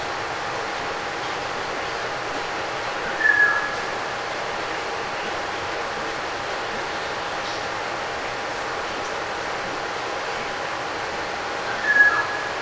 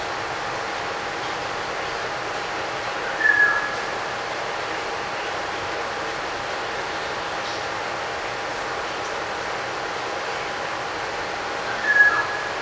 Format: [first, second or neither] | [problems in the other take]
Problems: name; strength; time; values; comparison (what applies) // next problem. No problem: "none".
second | background sound (Zipper (clothing)); 18 dB below the speech